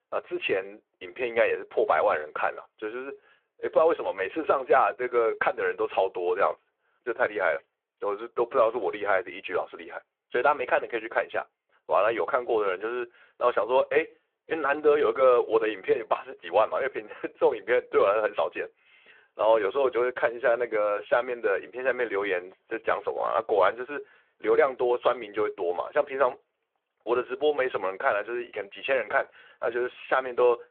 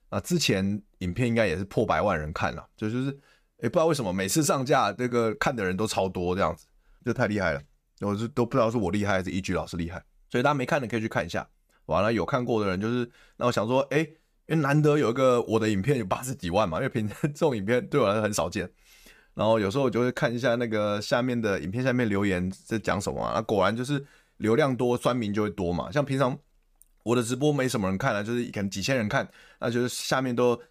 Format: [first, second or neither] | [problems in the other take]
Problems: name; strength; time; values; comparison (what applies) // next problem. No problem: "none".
second | phone-call audio